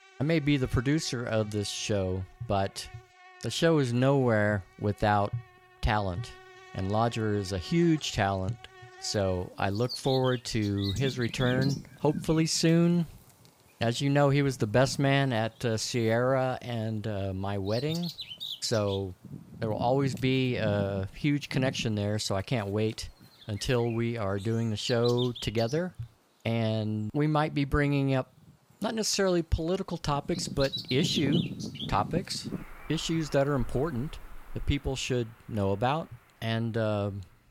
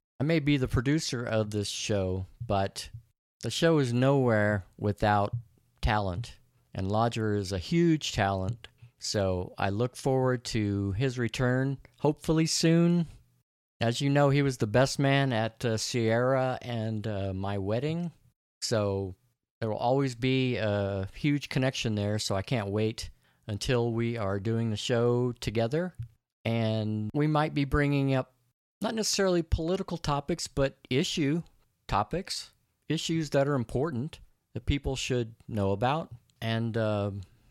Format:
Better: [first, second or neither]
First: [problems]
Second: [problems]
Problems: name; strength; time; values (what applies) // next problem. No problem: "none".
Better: second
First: animal sounds; noticeable; throughout; 10 dB below the speech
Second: none